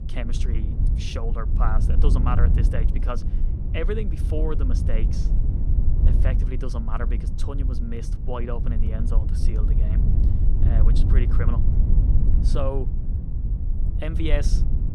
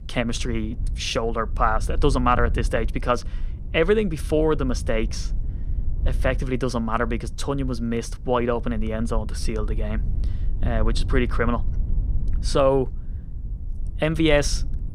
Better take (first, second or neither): second